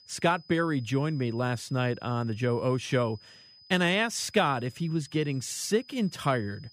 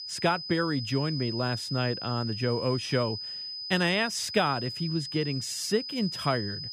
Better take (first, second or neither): first